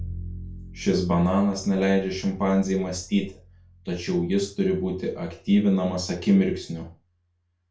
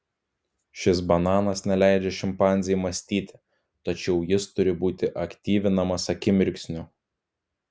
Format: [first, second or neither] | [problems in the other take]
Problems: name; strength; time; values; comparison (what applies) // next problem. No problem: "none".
second | background sound (Bowed string instrument); 18 dB below the speech // room echo; dies away in 0.3 s